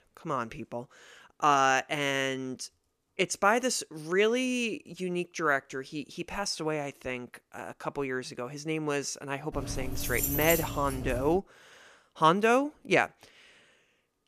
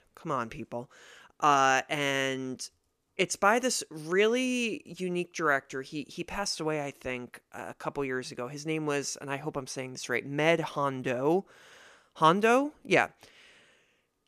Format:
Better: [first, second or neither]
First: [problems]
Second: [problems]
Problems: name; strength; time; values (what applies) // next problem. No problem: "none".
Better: second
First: jangling keys; loud; from 9.5 to 11 s; peak 1 dB above the speech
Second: none